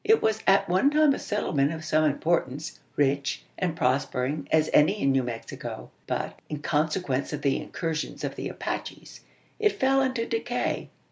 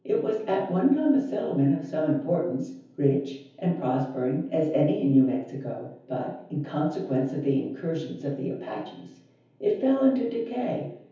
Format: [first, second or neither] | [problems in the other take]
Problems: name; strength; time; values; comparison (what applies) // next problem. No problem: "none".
first | room echo; dies away in 0.7 s